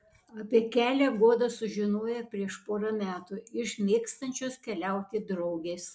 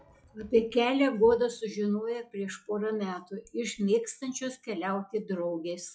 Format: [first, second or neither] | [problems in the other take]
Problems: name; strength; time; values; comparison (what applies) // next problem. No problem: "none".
first | noise reduction (classical method log-MMSE)